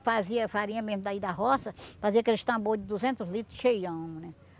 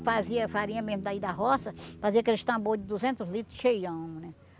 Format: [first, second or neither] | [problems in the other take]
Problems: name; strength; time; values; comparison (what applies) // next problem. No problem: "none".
first | background sound (Bass guitar); 17 dB below the speech